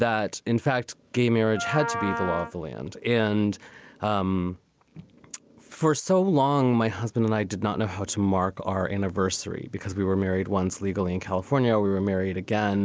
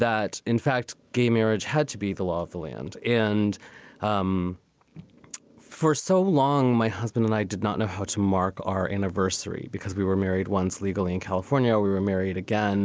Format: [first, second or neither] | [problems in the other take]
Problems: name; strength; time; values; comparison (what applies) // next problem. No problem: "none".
second | background sound (Wind instrument, woodwind instrument); 6 dB below the speech